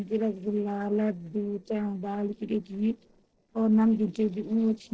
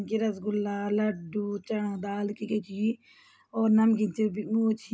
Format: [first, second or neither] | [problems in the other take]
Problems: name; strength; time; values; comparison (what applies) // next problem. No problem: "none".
second | noise reduction (neural separator model SepFormer DNS4)